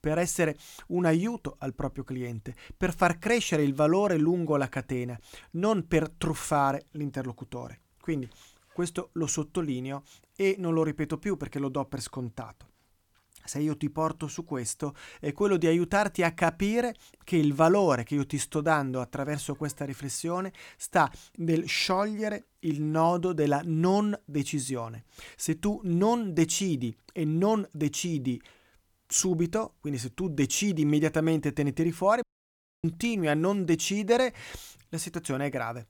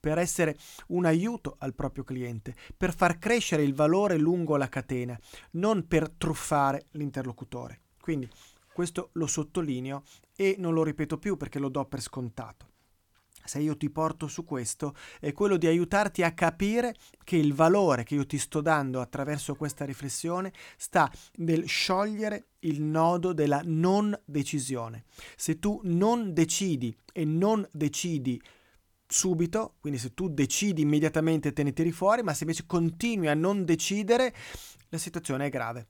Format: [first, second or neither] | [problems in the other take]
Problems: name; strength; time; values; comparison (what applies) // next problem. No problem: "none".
second | audio cutting out; at 32 s for 0.5 s